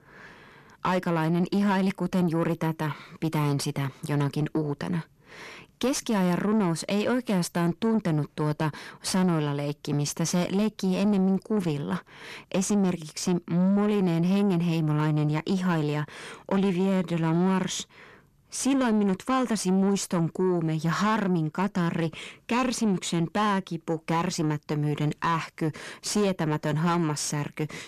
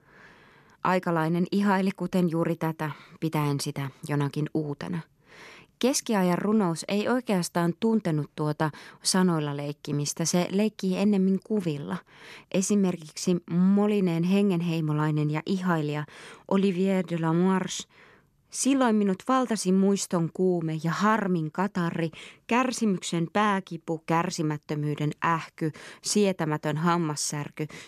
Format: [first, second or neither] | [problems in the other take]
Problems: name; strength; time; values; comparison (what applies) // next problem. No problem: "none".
second | distortion; slight; 10 dB below the speech